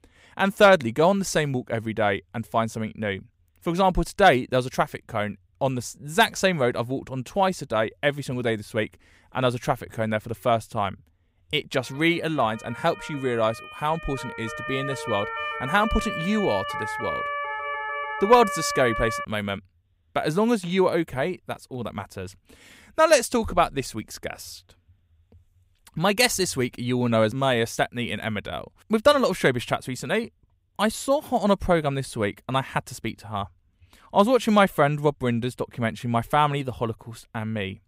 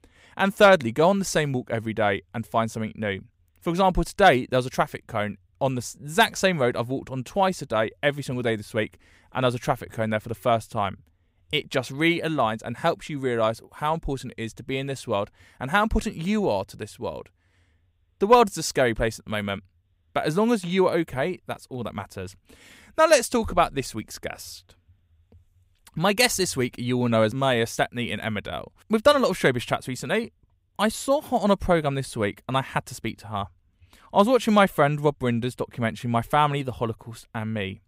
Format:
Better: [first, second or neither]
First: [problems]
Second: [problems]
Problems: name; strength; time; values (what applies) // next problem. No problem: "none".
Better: second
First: siren; noticeable; from 12 to 19 s; peak 4 dB below the speech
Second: none